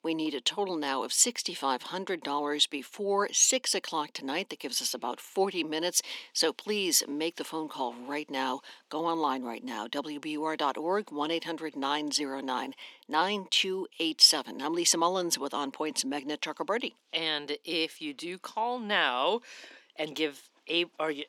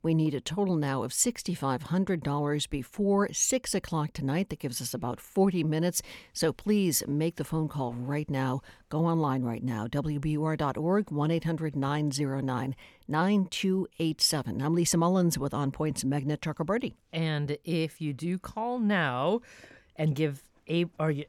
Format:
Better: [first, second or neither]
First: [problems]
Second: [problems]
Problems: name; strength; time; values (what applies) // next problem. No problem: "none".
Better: second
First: thin; somewhat; fading below 250 Hz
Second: none